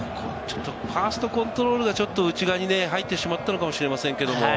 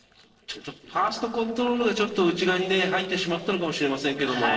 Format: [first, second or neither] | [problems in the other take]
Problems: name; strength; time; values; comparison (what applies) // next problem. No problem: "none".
first | noise reduction (neural separator model SepFormer DNS4)